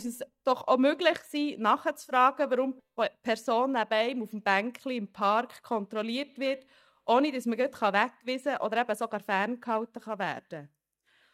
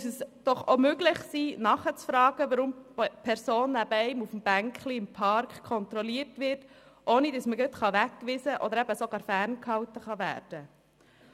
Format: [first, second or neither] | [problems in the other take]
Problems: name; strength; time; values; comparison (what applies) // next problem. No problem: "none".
second | noise reduction (neural mask model DeepFilterNet 3)